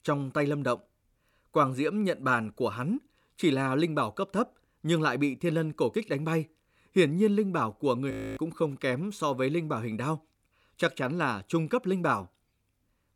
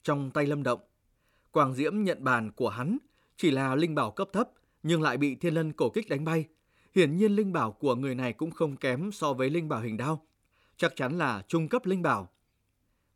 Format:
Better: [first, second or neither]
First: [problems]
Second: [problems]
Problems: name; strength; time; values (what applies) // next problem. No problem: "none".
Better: second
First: audio freezing; at 8 s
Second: none